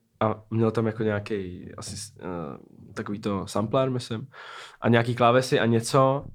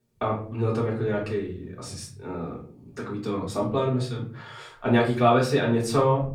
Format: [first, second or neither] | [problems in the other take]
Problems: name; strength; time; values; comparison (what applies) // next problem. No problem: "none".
first | off-mic speech; far // room echo; slight; dies away in 0.4 s